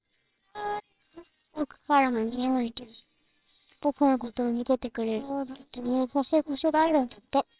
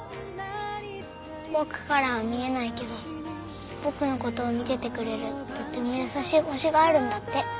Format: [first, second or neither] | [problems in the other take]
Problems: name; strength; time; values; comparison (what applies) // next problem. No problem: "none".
second | noise reduction (neural separator model SepFormer WHAMR!)